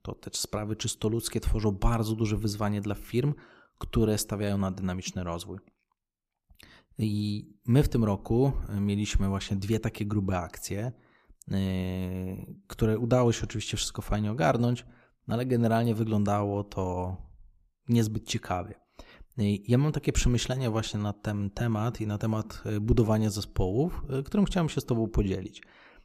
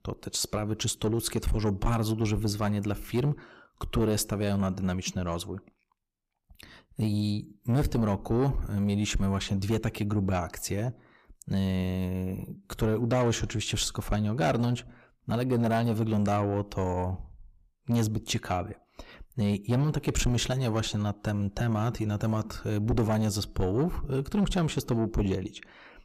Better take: first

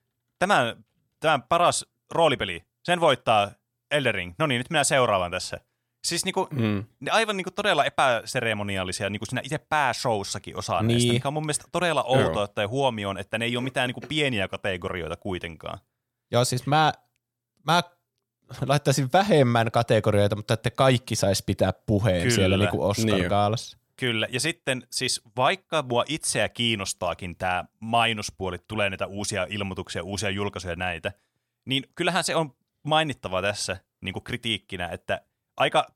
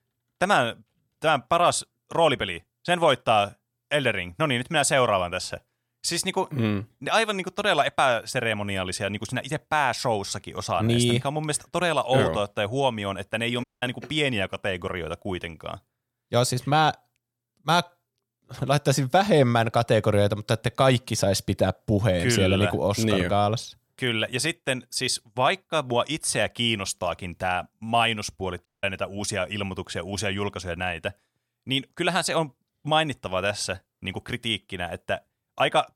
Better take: first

